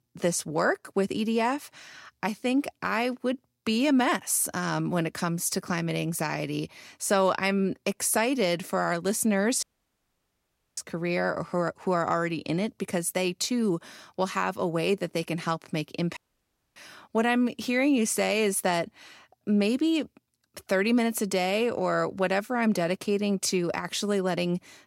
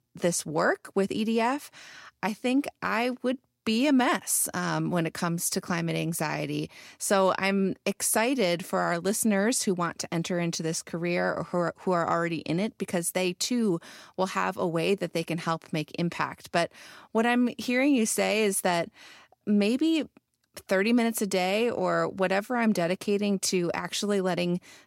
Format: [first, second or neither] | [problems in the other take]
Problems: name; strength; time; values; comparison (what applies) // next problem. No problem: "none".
second | audio cutting out; at 9.5 s for 1 s and at 16 s for 0.5 s